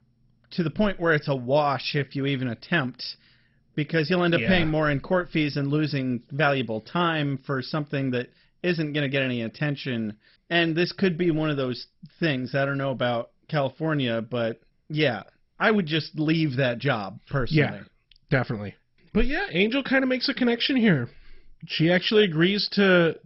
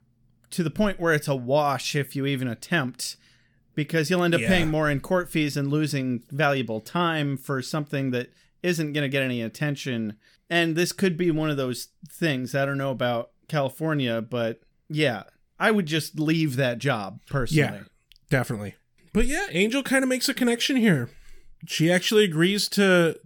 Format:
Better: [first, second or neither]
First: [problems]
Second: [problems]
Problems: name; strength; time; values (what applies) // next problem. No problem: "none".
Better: second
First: garbled, watery; badly; nothing above 5.5 kHz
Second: none